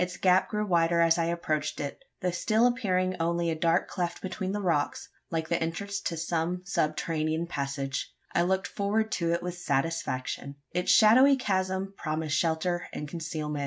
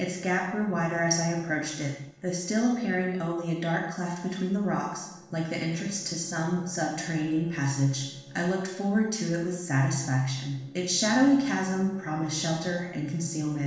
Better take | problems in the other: first | noise reduction (neural separator model SepFormer DNS4)

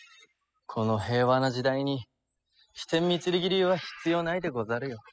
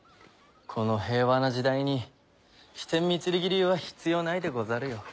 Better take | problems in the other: second | noise reduction (classical method spectral subtraction)

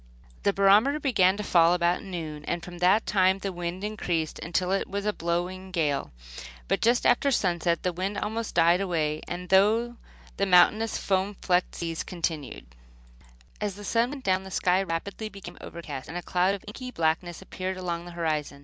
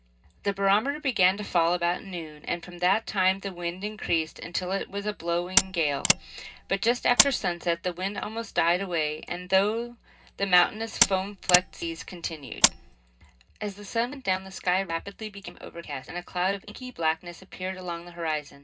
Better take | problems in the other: first | background sound (Mechanisms); 1 dB above the speech // room echo; dies away in 0.2 s

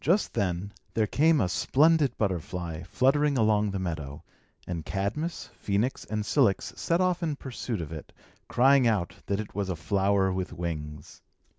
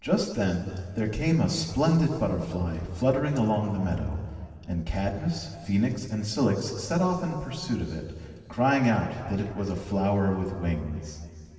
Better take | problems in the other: first | room echo; dies away in 2.4 s

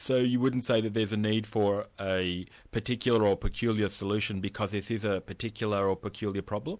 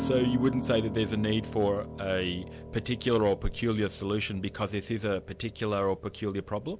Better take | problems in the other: first | background sound (Piano); 10 dB below the speech

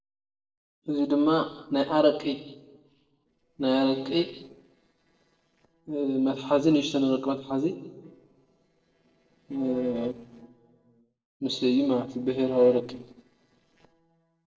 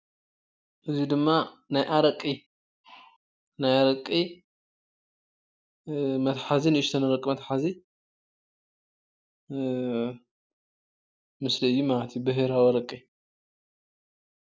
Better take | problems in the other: second | noise reduction (neural separator model SepFormer DNS4)

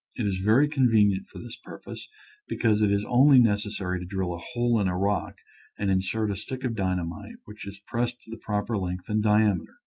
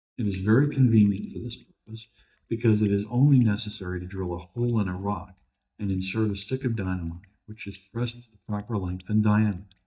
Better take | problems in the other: first | noise reduction (neural mask model DeepFilterNet 3)

